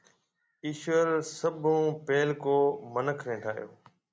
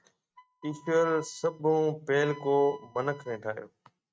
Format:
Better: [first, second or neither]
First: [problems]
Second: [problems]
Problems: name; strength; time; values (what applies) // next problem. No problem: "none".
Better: first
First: none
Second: noise reduction (neural mask model RNNoise)